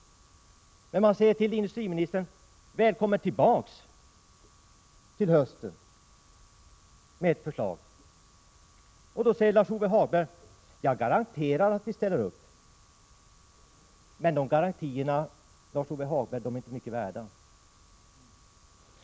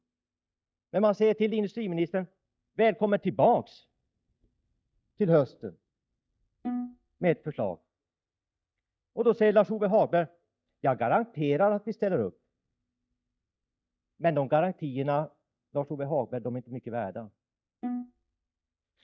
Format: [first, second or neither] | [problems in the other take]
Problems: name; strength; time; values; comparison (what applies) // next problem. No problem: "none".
first | noise reduction (neural mask model DeepFilterNet 3)